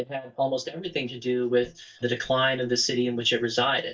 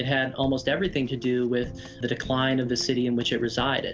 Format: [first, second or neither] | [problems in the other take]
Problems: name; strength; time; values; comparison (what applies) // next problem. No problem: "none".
second | noise reduction (neural mask model DeepFilterNet 3)